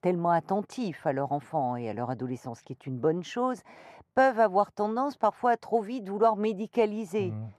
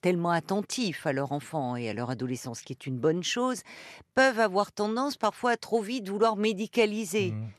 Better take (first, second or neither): second